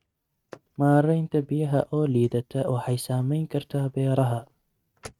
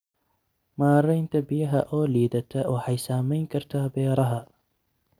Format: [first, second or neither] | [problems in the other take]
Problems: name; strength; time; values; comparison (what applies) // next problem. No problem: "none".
second | noise reduction (neural mask model RNNoise)